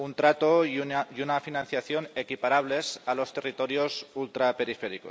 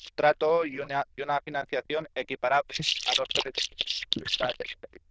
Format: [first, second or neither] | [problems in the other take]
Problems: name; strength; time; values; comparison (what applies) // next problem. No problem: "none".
first | noise reduction (neural diffusion model UNIVERSE++)